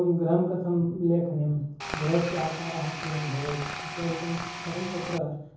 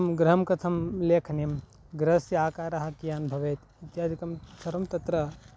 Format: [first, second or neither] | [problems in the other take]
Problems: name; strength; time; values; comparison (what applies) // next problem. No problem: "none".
second | background sound (Tools); 8 dB below the speech // room echo; dies away in 0.7 s